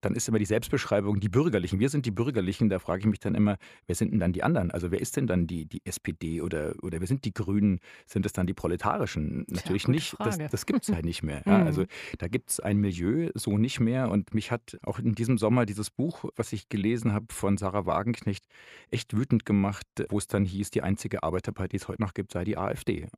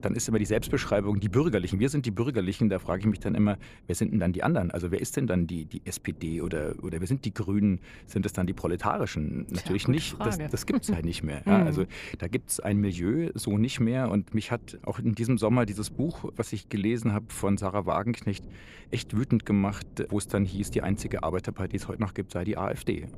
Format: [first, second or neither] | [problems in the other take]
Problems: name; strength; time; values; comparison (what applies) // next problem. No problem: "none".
first | wind noise on the microphone; occasional gusts; 25 dB below the speech